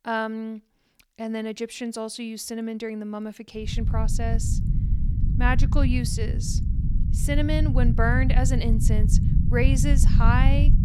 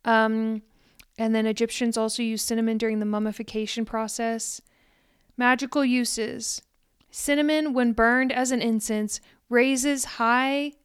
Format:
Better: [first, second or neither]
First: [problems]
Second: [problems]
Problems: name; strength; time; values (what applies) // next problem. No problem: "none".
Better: second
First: low rumble; loud; from 3.5 s on; 8 dB below the speech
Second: none